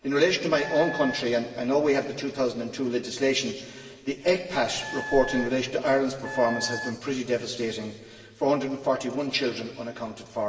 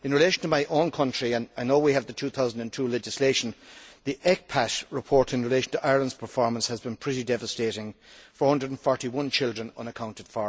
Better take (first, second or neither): second